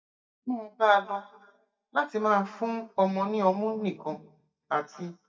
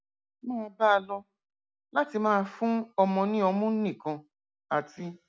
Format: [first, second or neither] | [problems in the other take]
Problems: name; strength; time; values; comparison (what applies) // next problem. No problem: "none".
second | noise reduction (neural mask model DeepFilterNet 3)